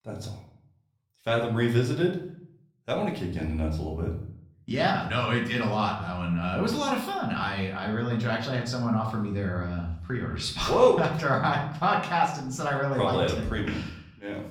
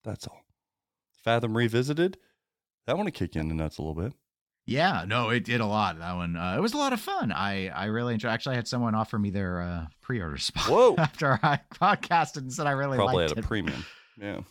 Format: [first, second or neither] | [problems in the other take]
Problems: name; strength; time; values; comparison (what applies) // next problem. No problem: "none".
second | room echo; slight; dies away in 0.5 s // off-mic speech; far